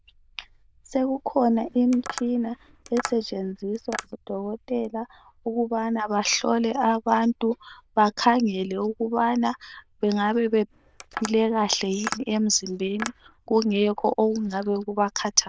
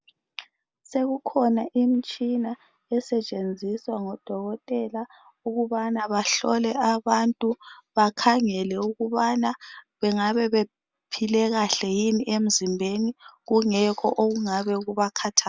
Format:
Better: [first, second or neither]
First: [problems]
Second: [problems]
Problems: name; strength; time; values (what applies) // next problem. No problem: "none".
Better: second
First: noise reduction (neural diffusion model UNIVERSE++)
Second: none